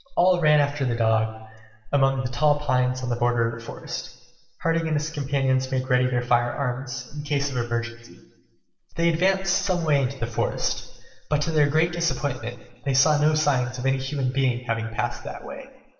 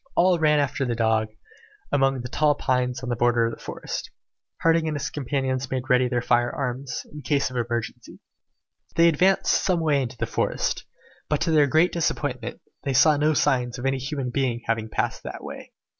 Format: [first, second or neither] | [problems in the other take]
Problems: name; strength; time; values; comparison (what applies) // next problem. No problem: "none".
second | room echo; dies away in 1 s